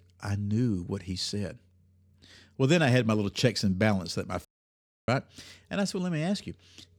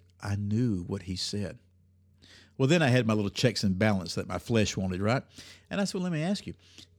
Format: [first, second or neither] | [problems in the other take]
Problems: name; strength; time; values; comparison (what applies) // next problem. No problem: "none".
second | audio cutting out; at 4.5 s for 0.5 s